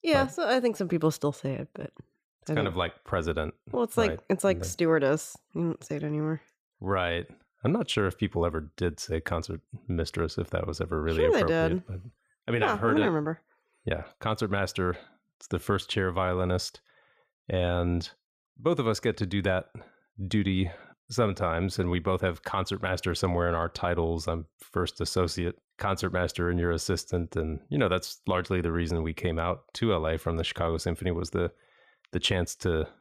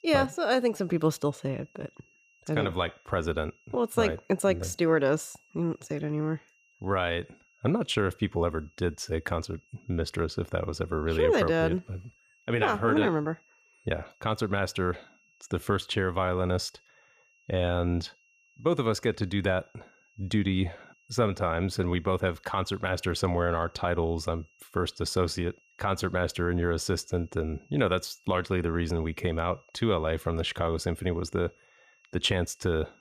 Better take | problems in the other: first | high-pitched whine; faint; throughout; 2.5 kHz, 35 dB below the speech

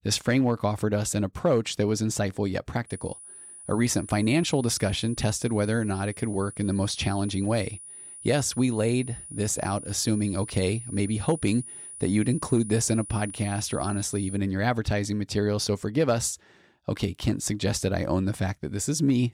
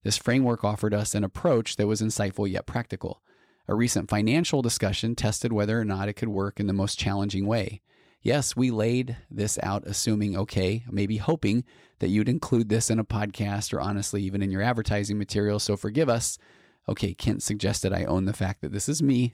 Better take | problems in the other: second | high-pitched whine; noticeable; from 3 to 14 s; 9.5 kHz, 15 dB below the speech

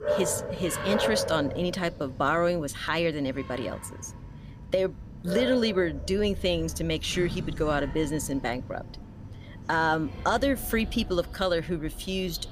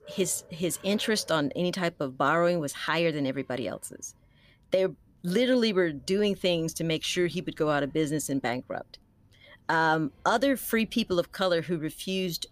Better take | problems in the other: second | animal sounds; loud; throughout; 9 dB below the speech; faint in the second

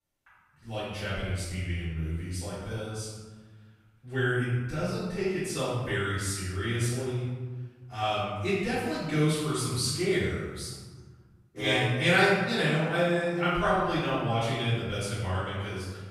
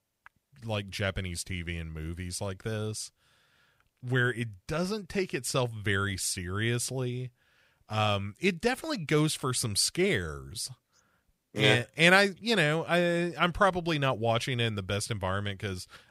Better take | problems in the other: second | off-mic speech; far // room echo; strong; dies away in 1.2 s

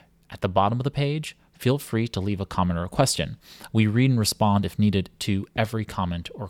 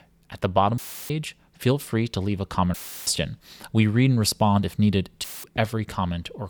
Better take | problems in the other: first | audio cutting out; filled with static; at 1 s, at 2.5 s and at 5 s

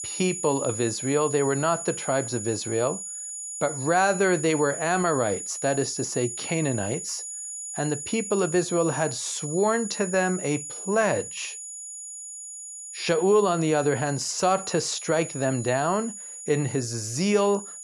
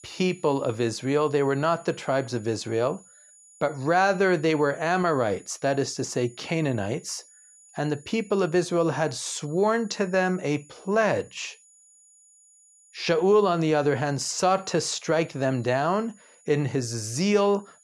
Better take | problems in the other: second | high-pitched whine; loud; throughout; 7 kHz, 8 dB below the speech; faint in the second

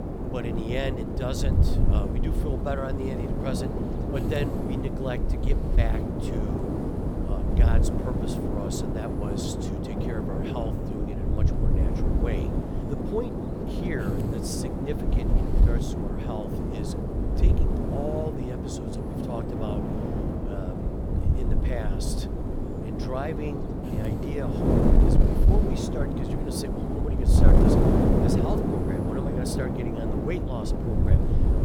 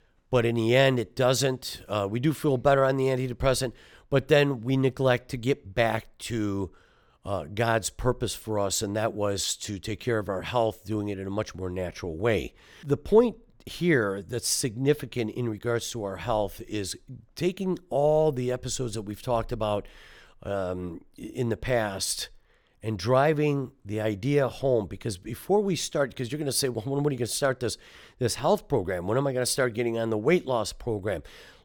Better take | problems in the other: second | wind noise on the microphone; heavy; 3 dB above the speech

